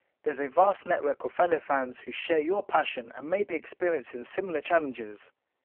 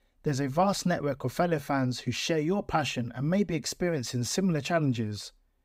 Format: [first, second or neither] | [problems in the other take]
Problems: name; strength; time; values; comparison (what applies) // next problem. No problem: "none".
second | phone-call audio; poor line; nothing above 3 kHz